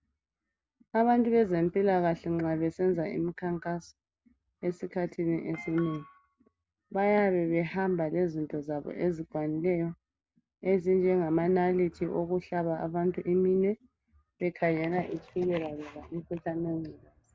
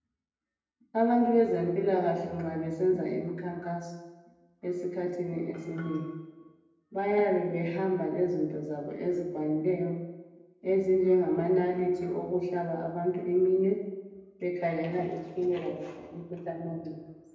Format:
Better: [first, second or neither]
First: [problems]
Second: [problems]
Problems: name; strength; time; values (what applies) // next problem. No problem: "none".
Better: first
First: none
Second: room echo; dies away in 1 s